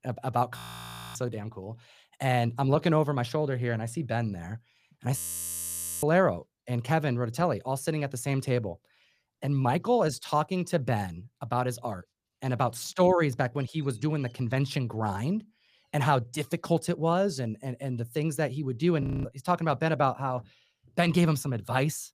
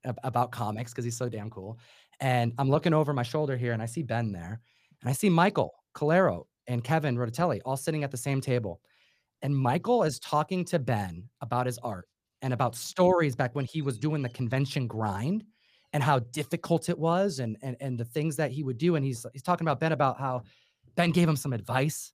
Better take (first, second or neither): second